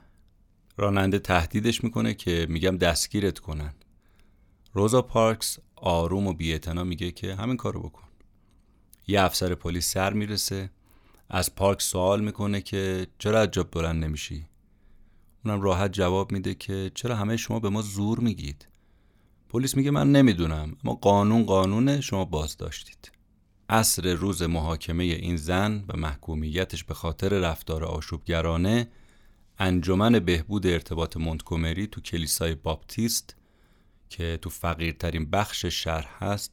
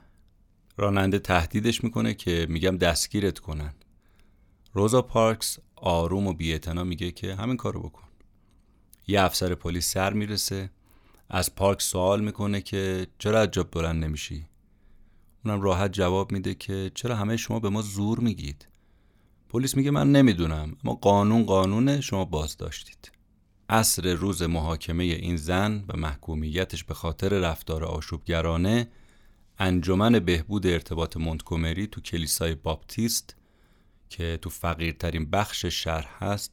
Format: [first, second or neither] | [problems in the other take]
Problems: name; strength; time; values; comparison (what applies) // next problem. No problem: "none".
neither | none